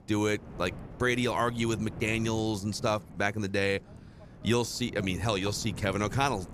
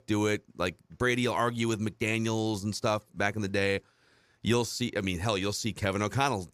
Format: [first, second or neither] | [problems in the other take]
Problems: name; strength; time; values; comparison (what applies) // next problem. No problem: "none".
second | wind noise on the microphone; occasional gusts; 20 dB below the speech